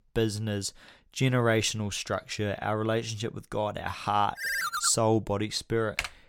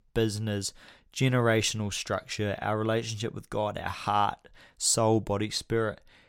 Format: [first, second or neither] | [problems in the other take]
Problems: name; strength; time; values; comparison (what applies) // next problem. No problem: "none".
second | phone ringing; noticeable; at 4.5 s; peak level with the speech // keyboard typing; very faint; at 6 s; peak 6 dB below the speech